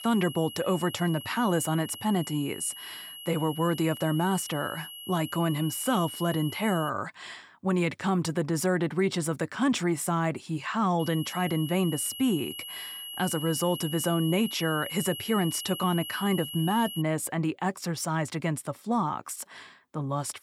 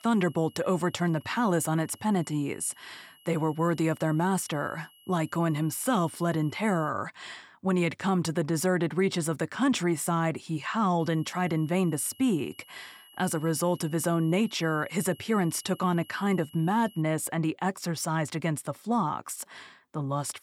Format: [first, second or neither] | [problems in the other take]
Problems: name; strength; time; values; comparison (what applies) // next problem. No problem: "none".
second | high-pitched whine; loud; until 7 s and from 11 to 17 s; 3 kHz, 10 dB below the speech; faint in the second